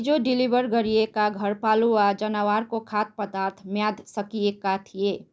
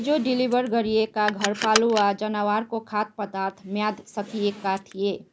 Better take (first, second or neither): first